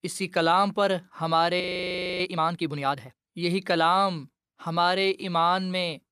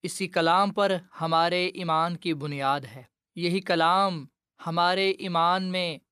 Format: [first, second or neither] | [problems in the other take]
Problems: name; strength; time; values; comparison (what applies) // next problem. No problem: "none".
second | audio freezing; at 1.5 s for 0.5 s